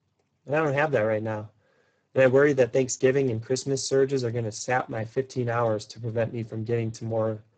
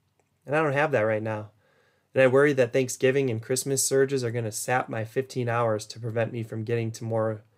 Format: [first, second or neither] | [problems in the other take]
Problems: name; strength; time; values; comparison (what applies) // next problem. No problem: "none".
second | garbled, watery; badly; nothing above 7.5 kHz